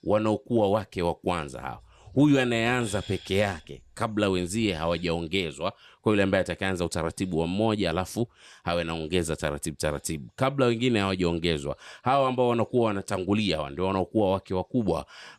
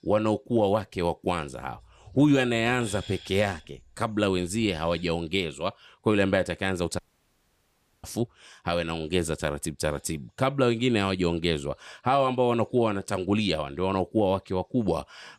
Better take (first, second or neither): first